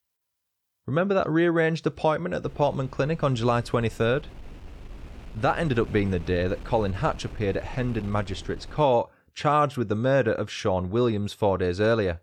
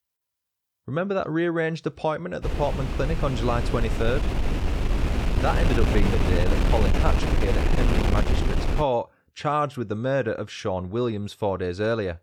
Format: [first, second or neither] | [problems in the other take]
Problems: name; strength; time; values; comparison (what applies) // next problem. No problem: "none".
first | wind noise on the microphone; heavy; from 2.5 to 9 s; 3 dB below the speech; occasional gusts in the first